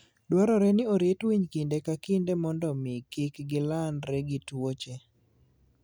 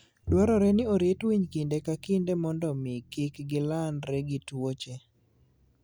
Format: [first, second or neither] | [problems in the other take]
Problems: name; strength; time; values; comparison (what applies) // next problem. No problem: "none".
first | background sound (Bowed string instrument); 12 dB below the speech